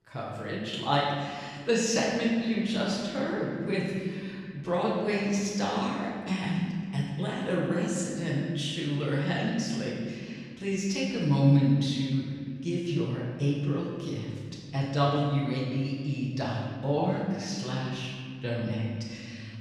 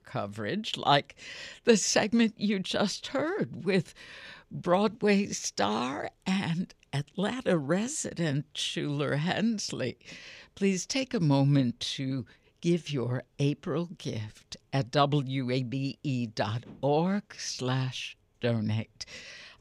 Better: second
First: off-mic speech; far // room echo; noticeable; dies away in 2.1 s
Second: none

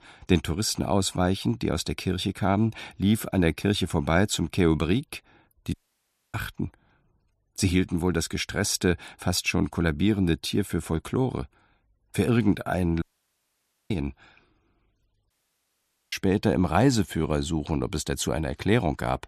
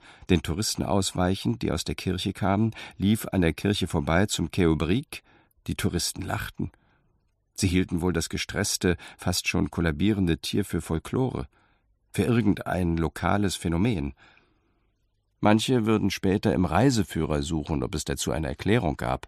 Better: second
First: audio cutting out; at 5.5 s for 0.5 s, at 13 s for 1 s and at 15 s for 1 s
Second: none

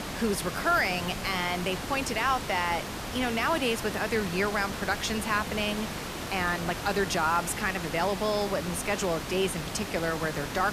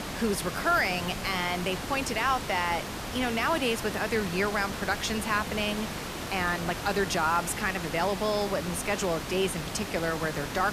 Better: neither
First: hiss; loud; throughout; 6 dB below the speech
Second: hiss; loud; throughout; 6 dB below the speech

